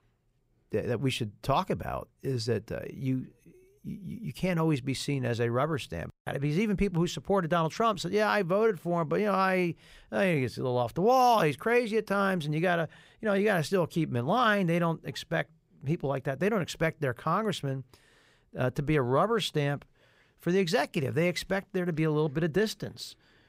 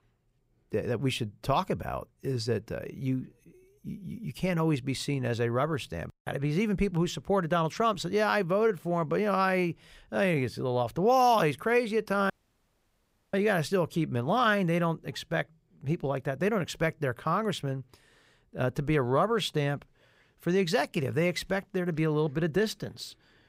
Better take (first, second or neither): first